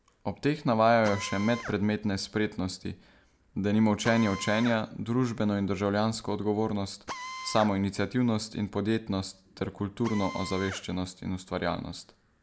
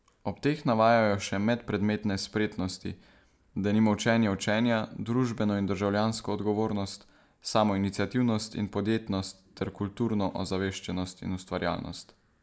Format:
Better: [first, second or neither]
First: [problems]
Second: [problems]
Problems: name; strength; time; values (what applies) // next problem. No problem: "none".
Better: second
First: background sound (Drill); 16 dB below the speech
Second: none